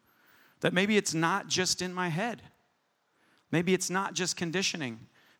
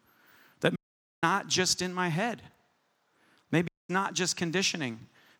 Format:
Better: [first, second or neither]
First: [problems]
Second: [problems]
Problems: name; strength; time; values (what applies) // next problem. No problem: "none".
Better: first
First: none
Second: audio cutting out; at 1 s and at 3.5 s